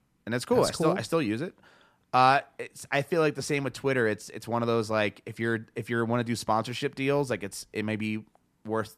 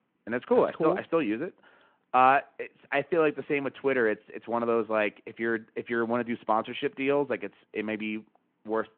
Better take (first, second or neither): first